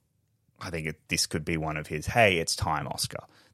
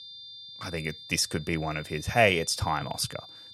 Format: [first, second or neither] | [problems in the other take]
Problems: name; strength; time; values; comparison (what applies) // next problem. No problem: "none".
first | high-pitched whine; noticeable; throughout; 3.5 kHz, 15 dB below the speech